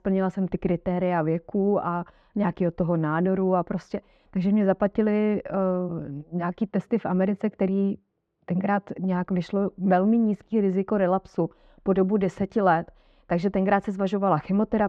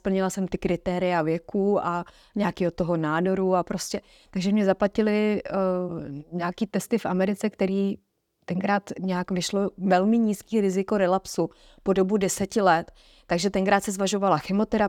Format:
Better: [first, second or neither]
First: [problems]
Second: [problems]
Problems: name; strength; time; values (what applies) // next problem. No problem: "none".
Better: second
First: muffled; very; fading above 2 kHz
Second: none